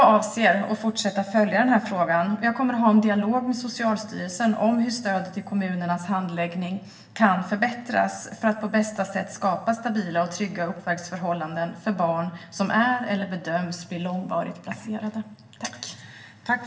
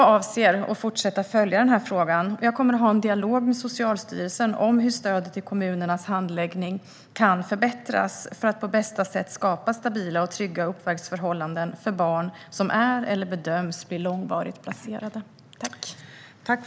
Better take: second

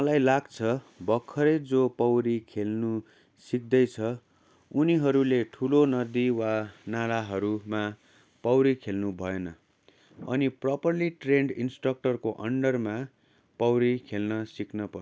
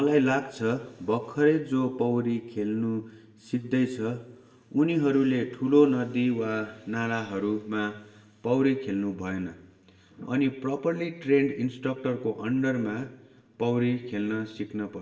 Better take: first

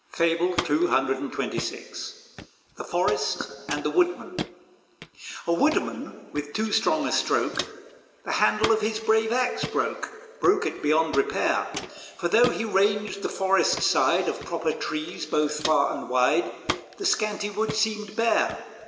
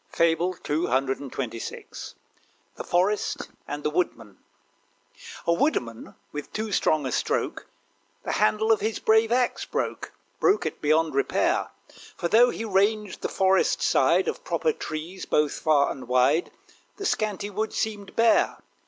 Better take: second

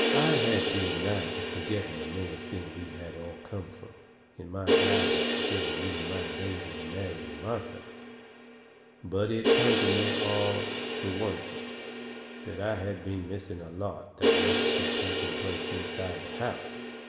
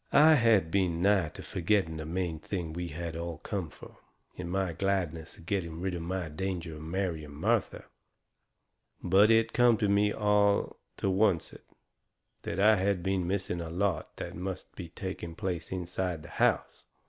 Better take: second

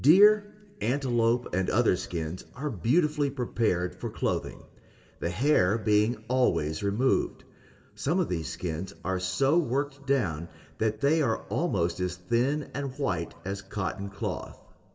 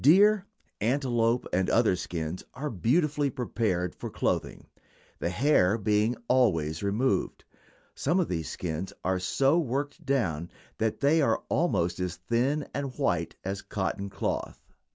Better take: second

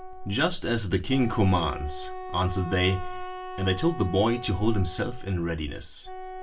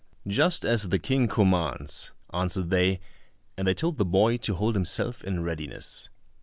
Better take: second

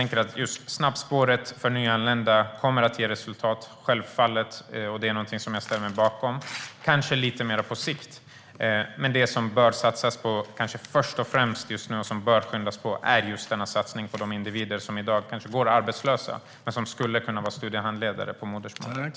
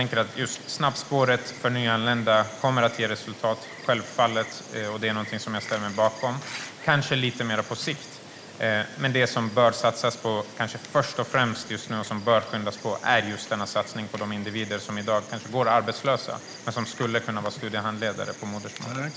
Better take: first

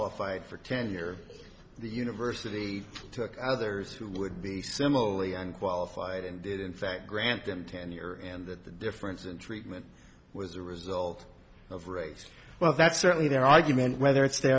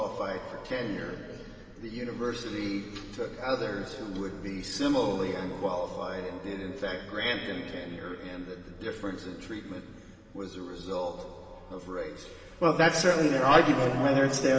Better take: first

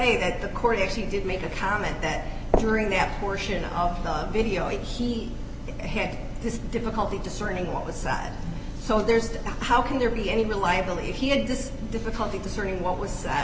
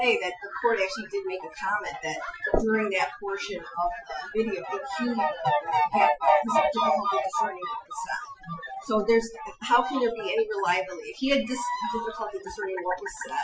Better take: first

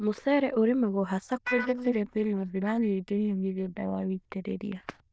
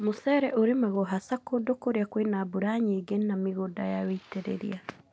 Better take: second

